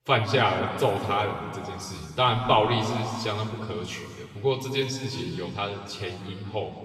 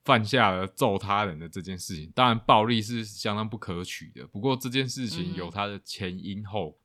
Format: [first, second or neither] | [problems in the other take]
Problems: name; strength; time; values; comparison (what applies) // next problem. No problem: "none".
second | room echo; noticeable; dies away in 2.3 s // off-mic speech; far